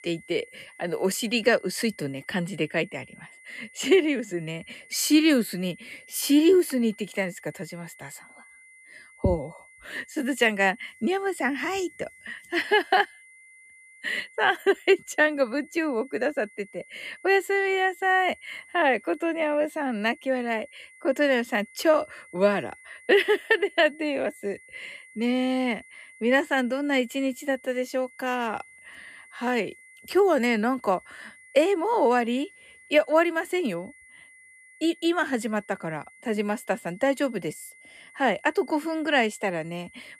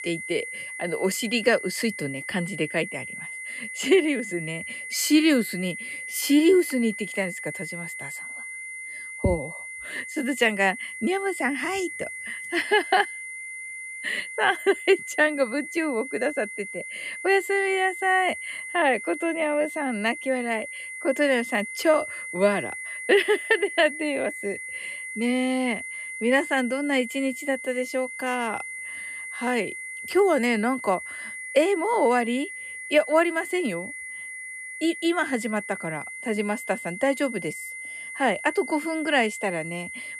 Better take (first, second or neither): first